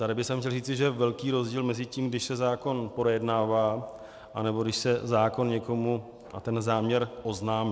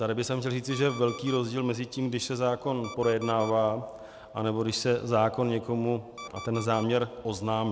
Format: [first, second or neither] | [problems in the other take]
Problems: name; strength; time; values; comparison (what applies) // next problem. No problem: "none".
first | background sound (Alarm); 17 dB below the speech